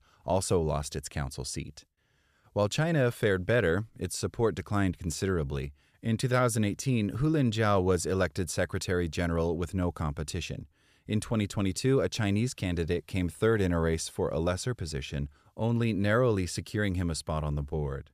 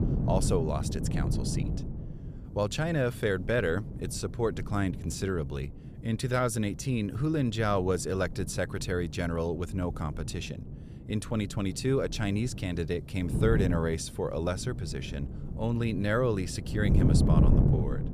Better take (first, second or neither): first